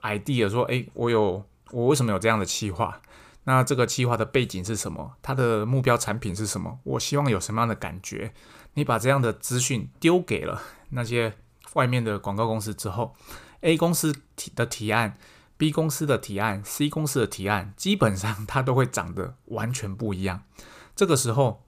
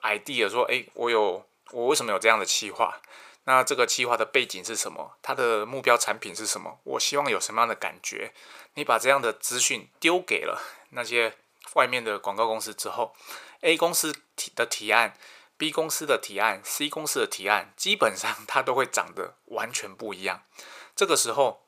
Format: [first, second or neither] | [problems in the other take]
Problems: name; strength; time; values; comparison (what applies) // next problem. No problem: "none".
first | thin; very; fading below 550 Hz